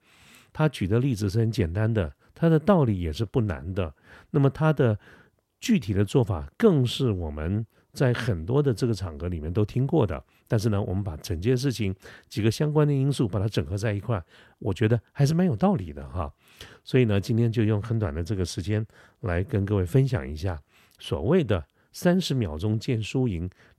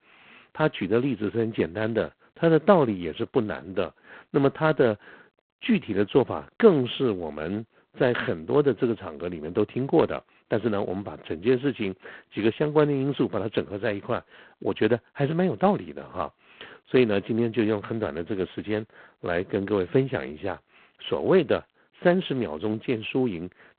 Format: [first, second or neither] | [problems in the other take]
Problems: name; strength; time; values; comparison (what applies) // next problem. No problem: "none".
first | phone-call audio; poor line; nothing above 3.5 kHz